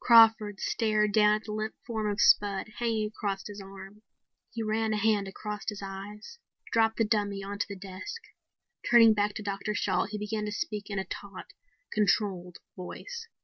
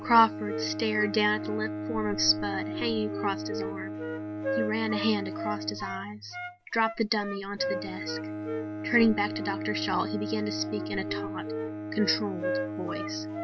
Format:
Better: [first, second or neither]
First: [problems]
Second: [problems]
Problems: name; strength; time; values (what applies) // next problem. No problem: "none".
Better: first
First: none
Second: background sound (Wind instrument, woodwind instrument + Bowed string instrument); 4 dB below the speech